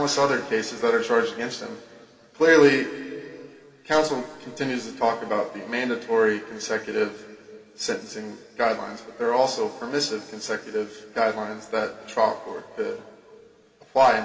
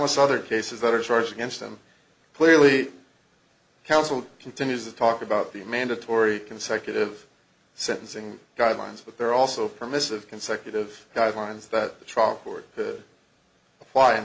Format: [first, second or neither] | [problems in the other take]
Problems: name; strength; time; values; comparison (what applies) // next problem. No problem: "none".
second | room echo; dies away in 2.3 s